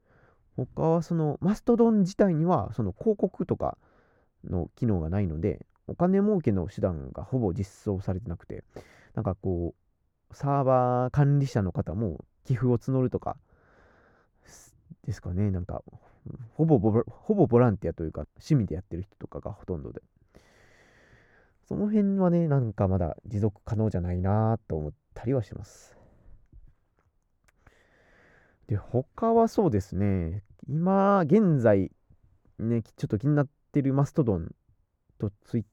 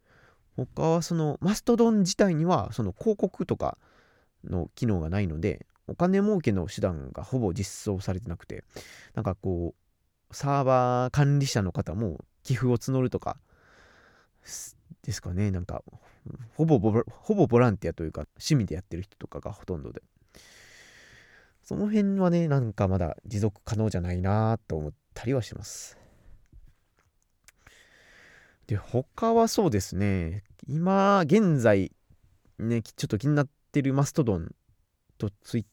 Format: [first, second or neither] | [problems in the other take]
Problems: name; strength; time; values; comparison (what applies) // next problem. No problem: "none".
second | muffled; slightly; fading above 2 kHz